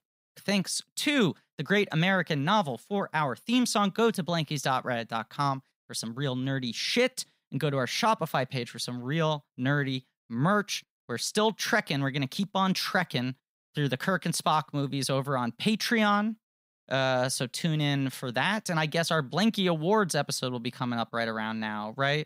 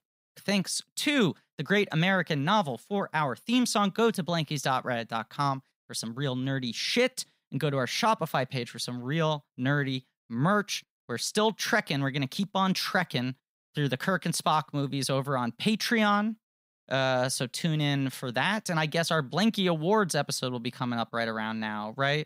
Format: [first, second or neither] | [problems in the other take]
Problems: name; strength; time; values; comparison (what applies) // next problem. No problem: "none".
neither | none